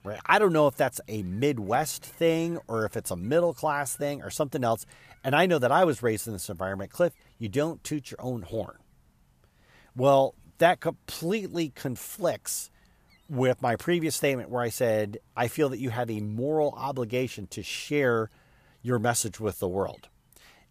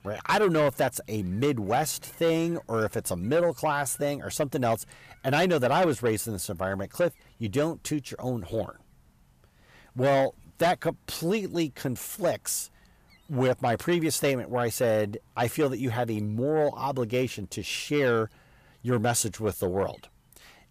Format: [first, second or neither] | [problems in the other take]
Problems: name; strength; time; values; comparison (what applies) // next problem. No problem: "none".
first | distortion; slight; 10 dB below the speech